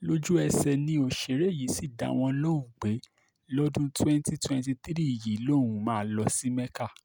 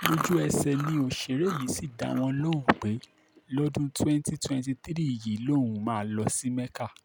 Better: first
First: none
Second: background sound (Chewing, mastication); 8 dB below the speech

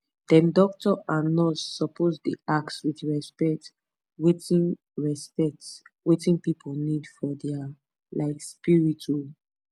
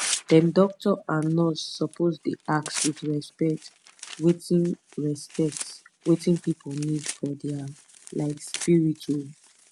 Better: first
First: none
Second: background sound (Tearing); 13 dB below the speech

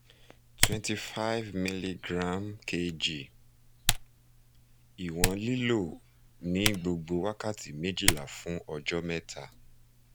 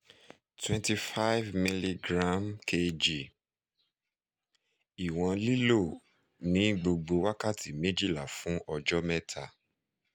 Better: second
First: background sound (Typing); 2 dB below the speech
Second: none

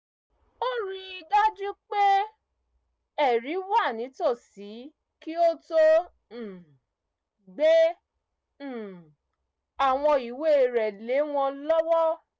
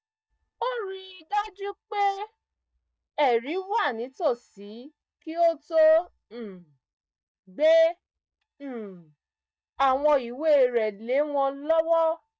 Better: first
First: none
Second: noise reduction (neural mask model DeepFilterNet 3)

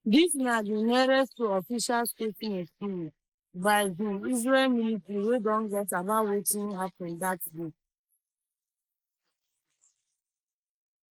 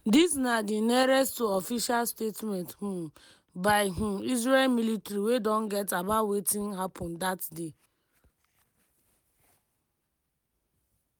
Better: second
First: noise reduction (neural mask model Resemble Enhance denoiser)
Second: none

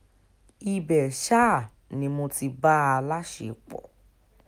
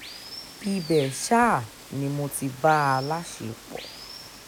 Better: first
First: none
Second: background sound (Water); 16 dB below the speech

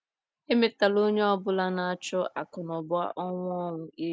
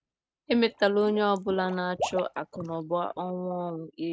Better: first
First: none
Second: noise reduction (neural mask model RNNoise)

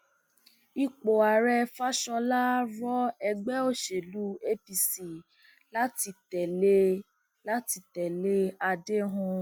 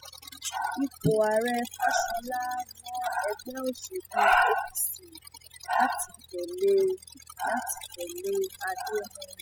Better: first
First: none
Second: noise reduction (classical method spectral subtraction)

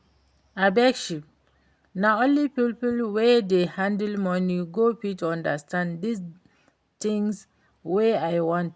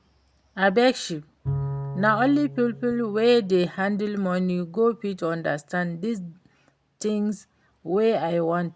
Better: first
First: none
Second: background sound (Bowed string instrument); 14 dB below the speech

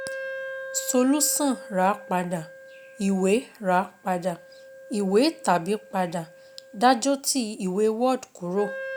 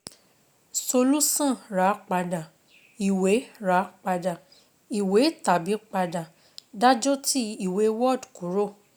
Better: second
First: background sound (Wind instrument, woodwind instrument); 15 dB below the speech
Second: none

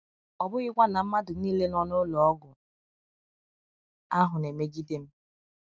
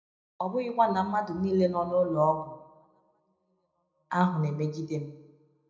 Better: first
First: none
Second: room echo; dies away in 0.7 s

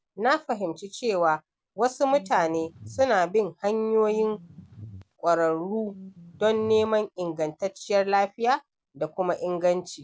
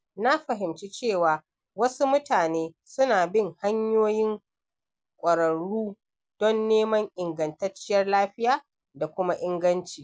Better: second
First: background sound (Bass guitar); 19 dB below the speech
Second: none

